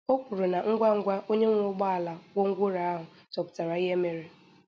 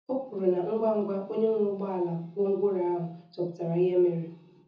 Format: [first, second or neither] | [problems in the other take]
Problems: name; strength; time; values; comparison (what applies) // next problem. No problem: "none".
first | room echo; dies away in 0.5 s